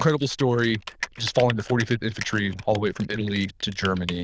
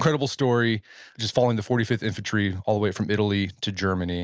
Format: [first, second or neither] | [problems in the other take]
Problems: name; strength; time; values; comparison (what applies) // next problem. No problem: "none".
second | noise reduction (neural diffusion model UNIVERSE++)